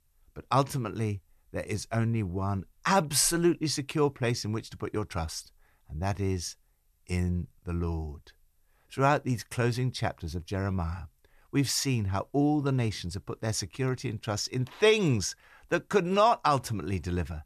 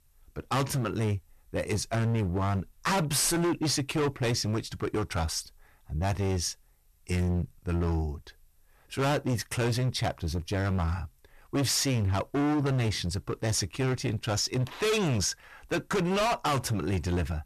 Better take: first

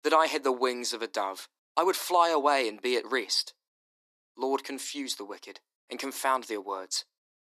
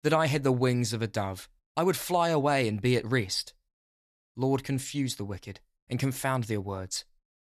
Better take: second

